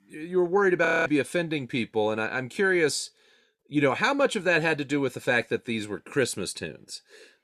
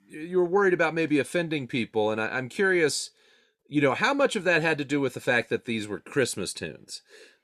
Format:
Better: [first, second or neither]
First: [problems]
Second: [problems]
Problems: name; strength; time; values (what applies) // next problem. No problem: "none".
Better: second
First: audio freezing; at 1 s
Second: none